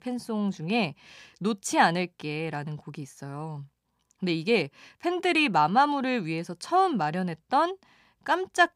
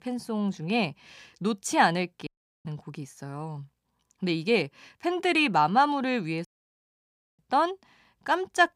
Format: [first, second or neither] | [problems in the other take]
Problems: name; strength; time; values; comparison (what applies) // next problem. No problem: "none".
first | audio cutting out; at 2.5 s and at 6.5 s for 1 s